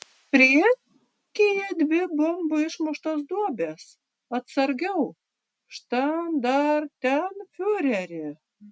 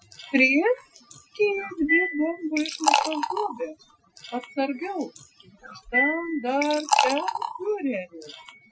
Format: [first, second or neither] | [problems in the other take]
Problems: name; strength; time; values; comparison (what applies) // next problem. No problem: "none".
first | noise reduction (classical method Wiener filter)